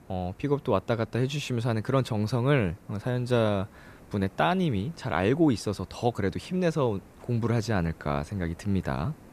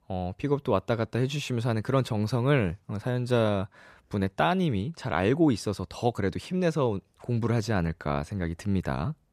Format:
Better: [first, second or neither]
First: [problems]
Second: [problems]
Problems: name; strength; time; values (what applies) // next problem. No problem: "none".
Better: second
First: hiss; faint; throughout; 25 dB below the speech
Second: none